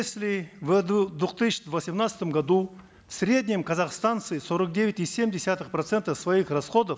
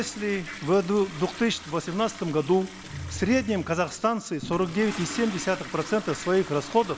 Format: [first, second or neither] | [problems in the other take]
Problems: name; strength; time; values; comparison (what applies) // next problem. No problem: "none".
first | background sound (Toilet flush); 13 dB below the speech